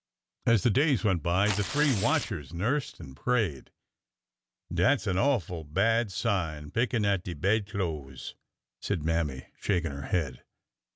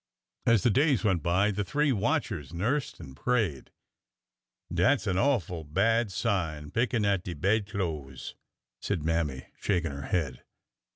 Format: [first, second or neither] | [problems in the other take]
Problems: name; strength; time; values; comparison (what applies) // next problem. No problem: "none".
second | background sound (Tearing); 9 dB below the speech